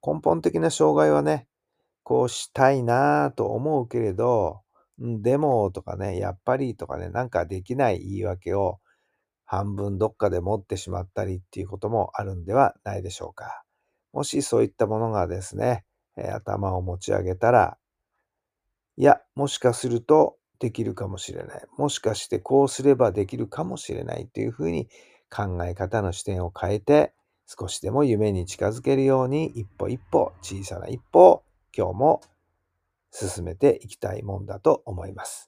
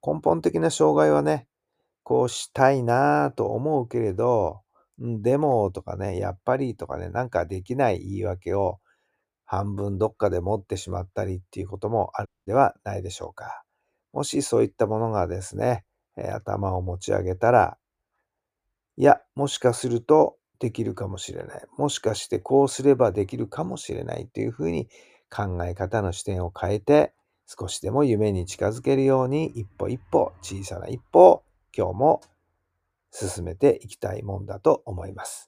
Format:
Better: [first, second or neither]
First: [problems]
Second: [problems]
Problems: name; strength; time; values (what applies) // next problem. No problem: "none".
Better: first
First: none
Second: audio cutting out; at 12 s